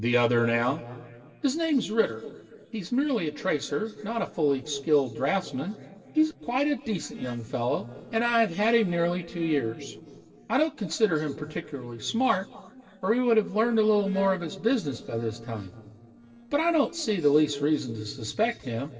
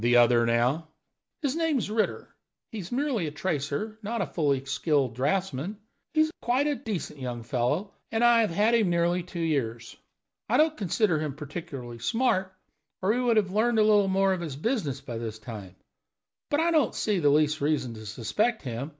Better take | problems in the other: second | noise reduction (neural separator model SepFormer DNS4)

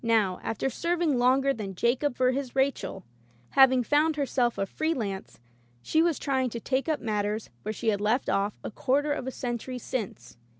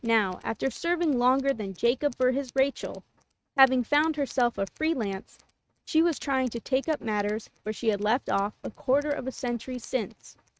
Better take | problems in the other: first | noise reduction (neural mask model RNNoise)

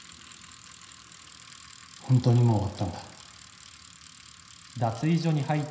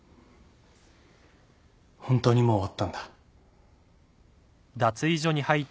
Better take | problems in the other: second | background sound (Bicycle); 20 dB below the speech // room echo; dies away in 0.9 s

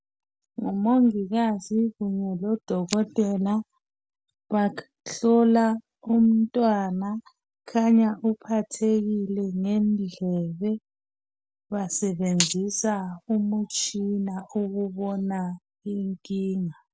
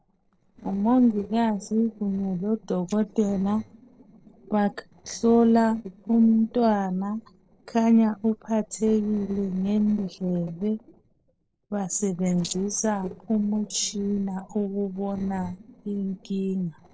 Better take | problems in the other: first | noise reduction (neural separator model SepFormer DNS4)

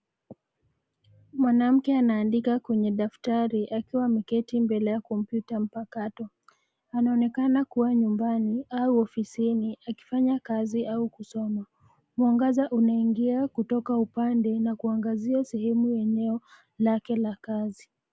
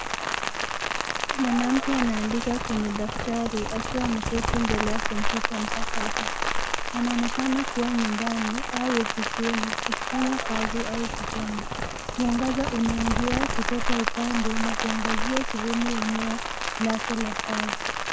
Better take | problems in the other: first | background sound (Rain); 1 dB above the speech

